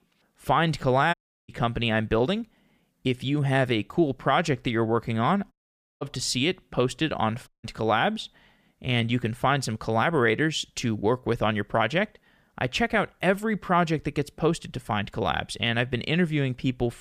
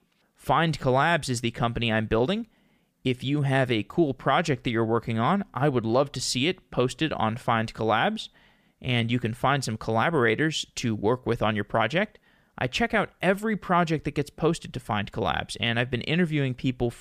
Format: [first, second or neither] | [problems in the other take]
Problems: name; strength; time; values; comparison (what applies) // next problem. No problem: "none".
second | audio cutting out; at 1 s, at 5.5 s and at 7.5 s